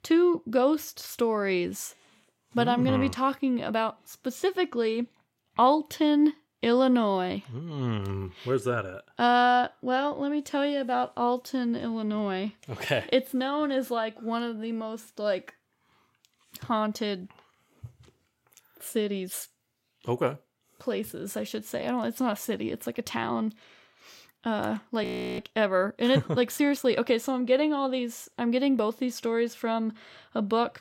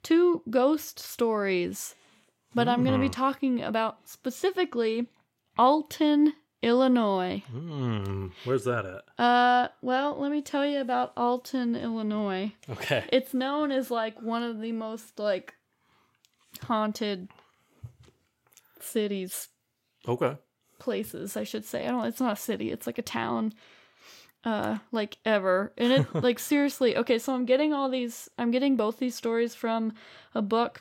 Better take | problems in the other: second | audio freezing; at 25 s

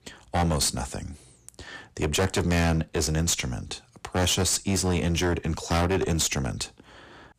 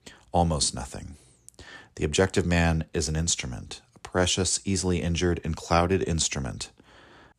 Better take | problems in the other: second | distortion; heavy; 14% of the sound clipped

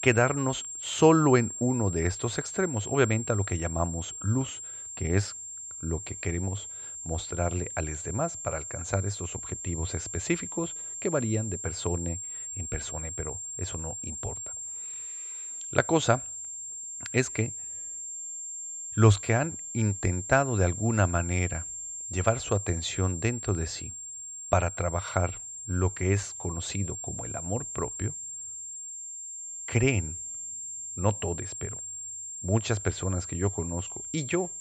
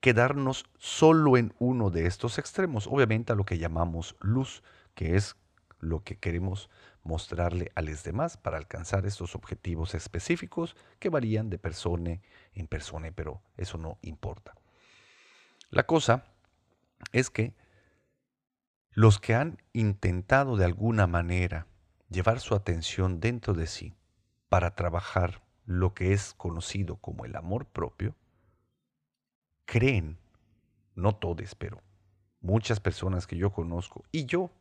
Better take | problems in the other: second | high-pitched whine; loud; throughout; 7.5 kHz, 6 dB below the speech

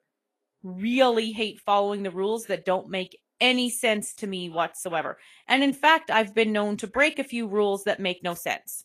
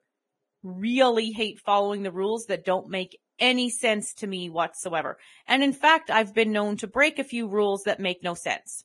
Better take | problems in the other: first | garbled, watery; badly; nothing above 10.5 kHz; slightly in the first

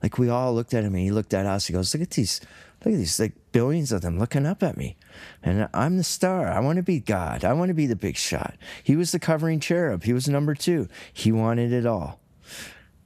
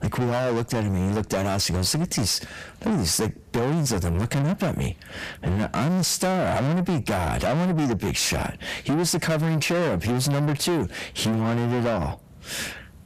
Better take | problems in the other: first | distortion; heavy; 5 dB below the speech

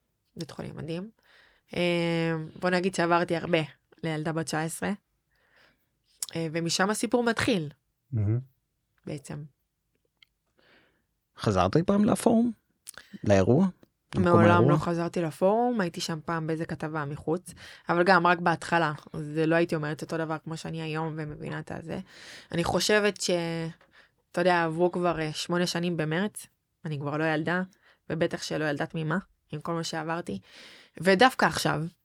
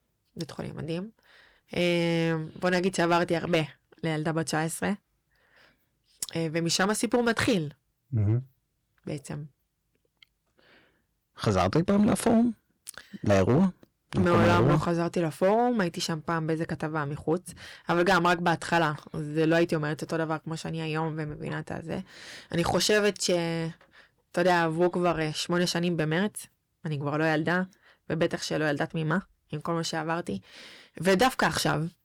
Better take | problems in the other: first | distortion; slight; 3% of the sound clipped

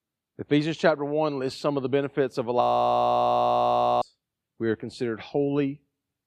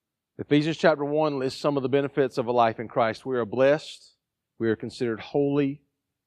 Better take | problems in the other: second | audio freezing; at 2.5 s for 1.5 s

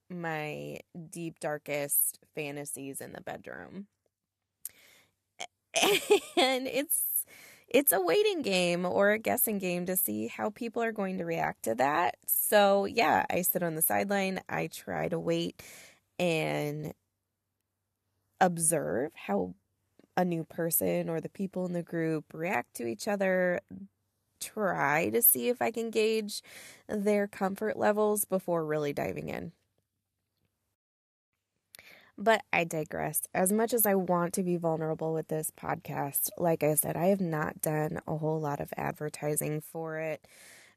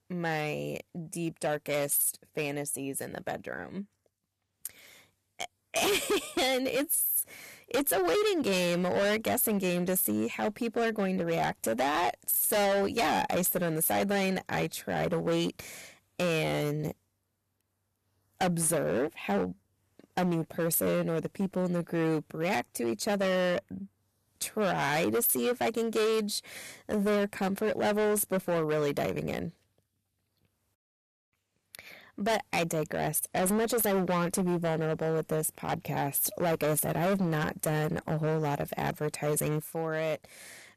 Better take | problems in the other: first | distortion; heavy; 14% of the sound clipped

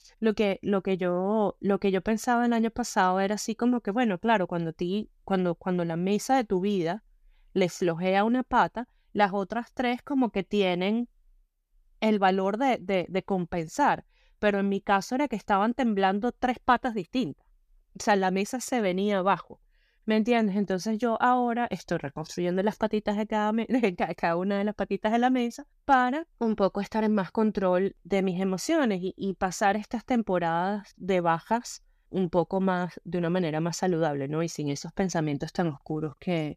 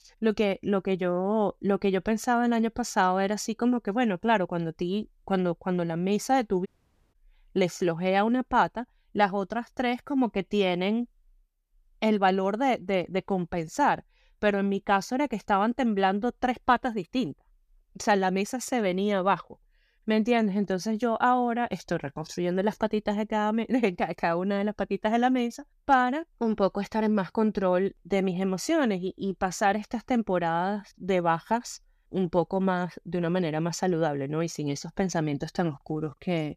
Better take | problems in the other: first | audio cutting out; at 6.5 s

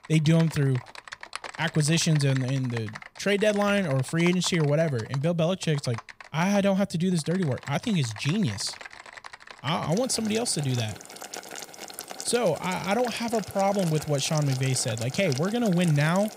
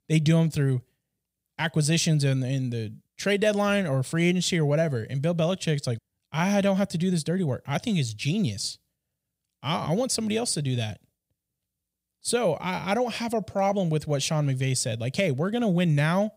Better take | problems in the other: second | household noises; noticeable; throughout; 15 dB below the speech

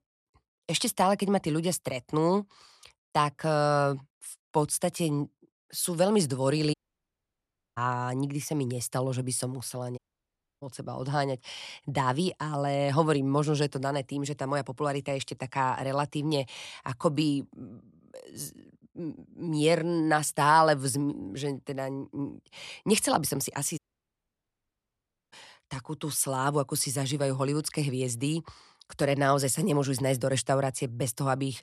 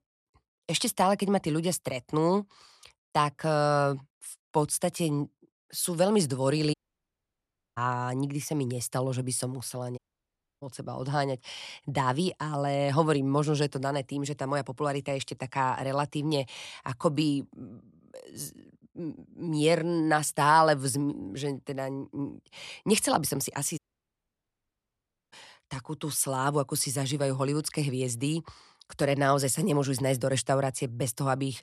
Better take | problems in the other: neither | audio cutting out; at 6.5 s for 1 s, at 10 s for 0.5 s and at 24 s for 1.5 s; the same in both

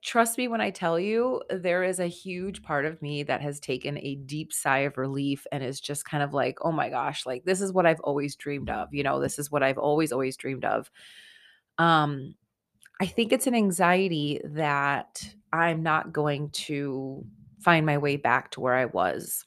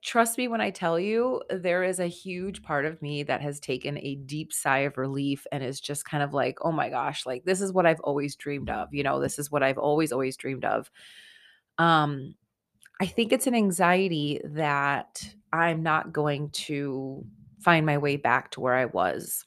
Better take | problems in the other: neither | none

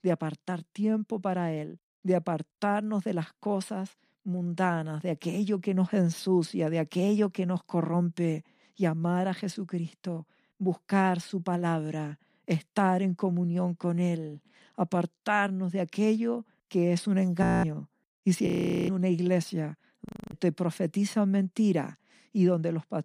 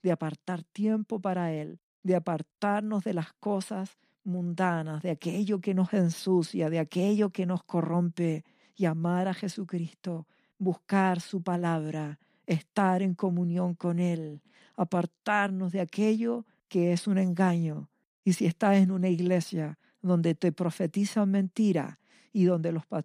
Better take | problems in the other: second | audio freezing; at 17 s, at 18 s and at 20 s

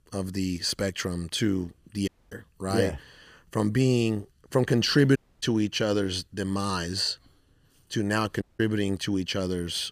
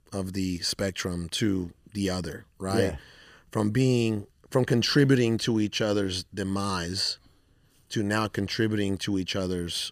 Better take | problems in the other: second | audio cutting out; at 2 s, at 5 s and at 8.5 s

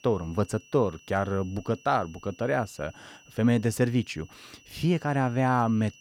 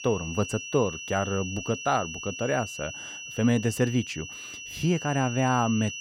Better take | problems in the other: first | high-pitched whine; loud; throughout; 2.5 kHz, 8 dB below the speech; faint in the first

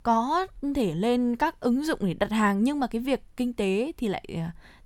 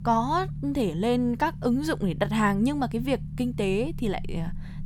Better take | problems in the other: first | low rumble; noticeable; throughout; 20 dB below the speech

